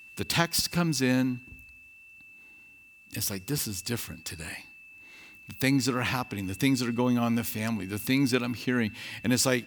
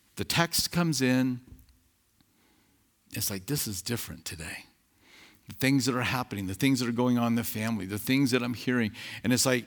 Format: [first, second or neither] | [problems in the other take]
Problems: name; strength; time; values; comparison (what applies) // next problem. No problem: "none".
second | high-pitched whine; noticeable; throughout; 2.5 kHz, 20 dB below the speech